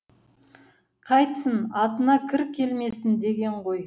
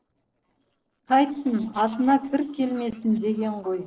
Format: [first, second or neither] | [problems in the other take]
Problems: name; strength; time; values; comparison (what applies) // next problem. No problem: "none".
first | noise reduction (neural separator model SepFormer DNS4)